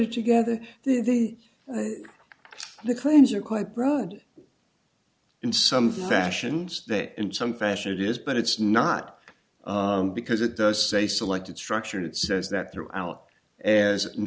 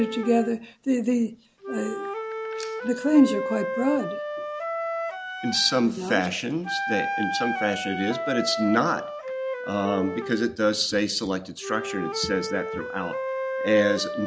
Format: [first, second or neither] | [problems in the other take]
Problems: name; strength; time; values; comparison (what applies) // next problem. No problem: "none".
first | background sound (Wind instrument, woodwind instrument); 5 dB below the speech